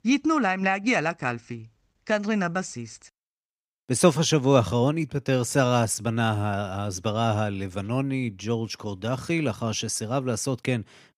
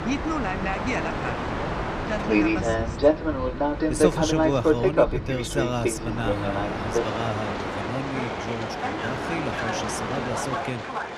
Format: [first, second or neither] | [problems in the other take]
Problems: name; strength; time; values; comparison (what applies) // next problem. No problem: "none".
first | train or aircraft noise; very loud; throughout; 4 dB above the speech